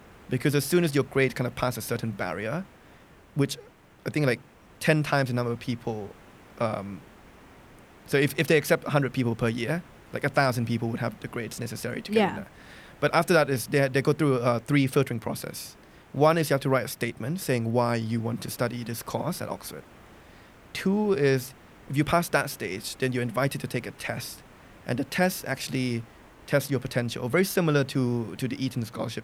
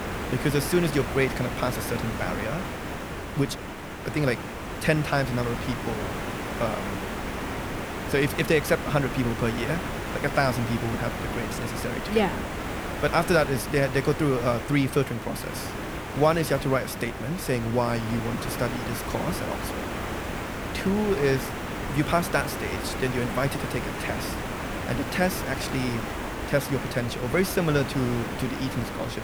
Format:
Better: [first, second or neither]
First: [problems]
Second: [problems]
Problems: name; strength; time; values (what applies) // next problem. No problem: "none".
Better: first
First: hiss; faint; throughout; 25 dB below the speech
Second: hiss; loud; throughout; 5 dB below the speech